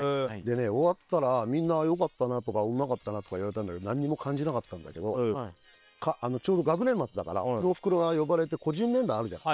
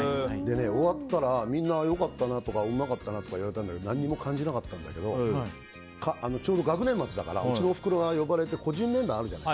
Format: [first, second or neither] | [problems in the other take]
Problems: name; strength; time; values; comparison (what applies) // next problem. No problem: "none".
second | noise reduction (neural separator model SepFormer WHAM!)